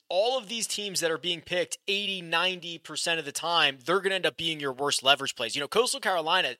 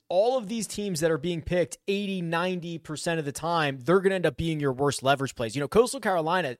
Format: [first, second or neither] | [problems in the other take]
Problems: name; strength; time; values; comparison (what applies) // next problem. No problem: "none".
second | thin; somewhat; fading below 850 Hz